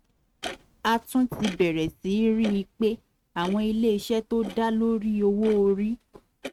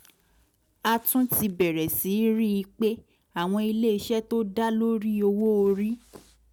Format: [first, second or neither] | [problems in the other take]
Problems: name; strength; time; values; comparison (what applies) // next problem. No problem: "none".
second | noise reduction (neural mask model RNNoise)